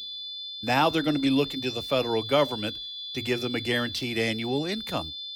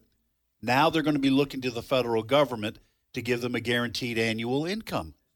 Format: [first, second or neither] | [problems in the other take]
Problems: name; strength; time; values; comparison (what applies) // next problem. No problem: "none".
second | high-pitched whine; loud; throughout; 3.5 kHz, 7 dB below the speech